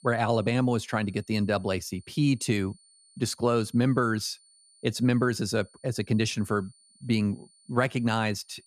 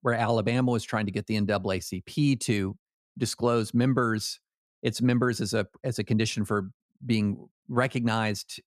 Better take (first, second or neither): second